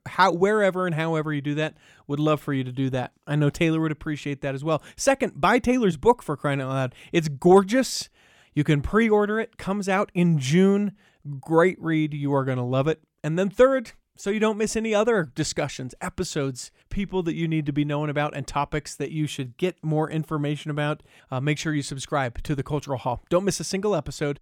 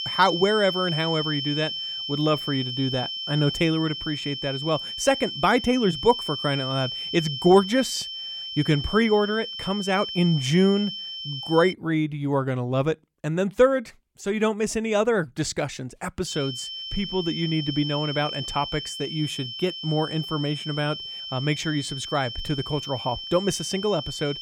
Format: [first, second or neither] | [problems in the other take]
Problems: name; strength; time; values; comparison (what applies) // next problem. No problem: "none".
first | high-pitched whine; loud; until 12 s and from 16 s on; 3 kHz, 6 dB below the speech